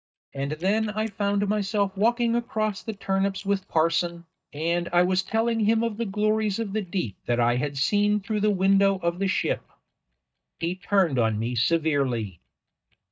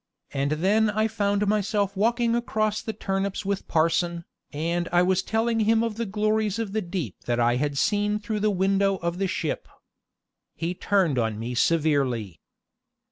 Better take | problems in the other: second | noise reduction (neural mask model DeepFilterNet 3)

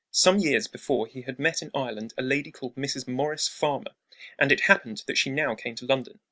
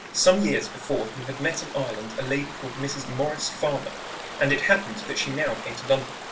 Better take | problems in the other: first | background sound (Stream / Ocean); 11 dB below the speech // room echo; dies away in 0.3 s

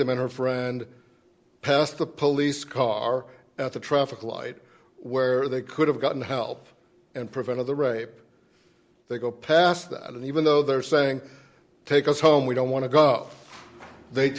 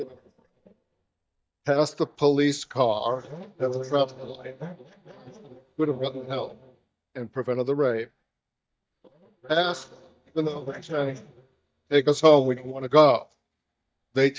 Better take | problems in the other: first | noise reduction (neural mask model DeepFilterNet 3)

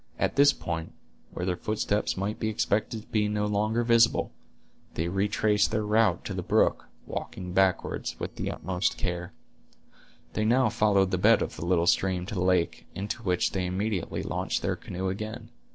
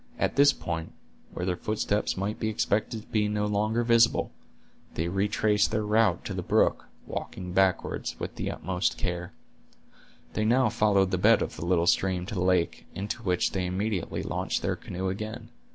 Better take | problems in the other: second | noise reduction (neural separator model SepFormer DNS4)

